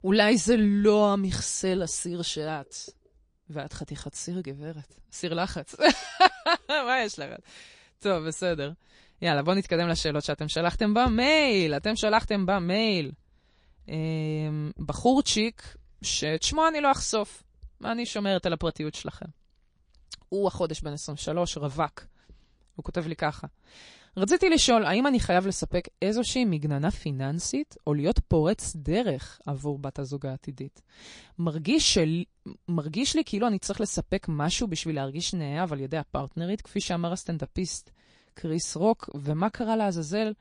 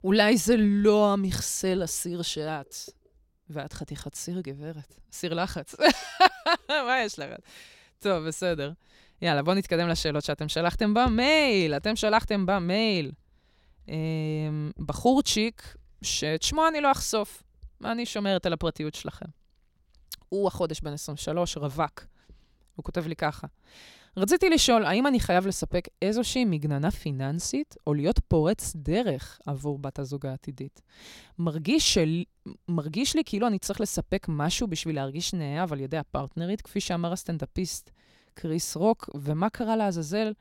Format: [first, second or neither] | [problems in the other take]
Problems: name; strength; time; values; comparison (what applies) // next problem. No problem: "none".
second | garbled, watery; slightly; nothing above 8 kHz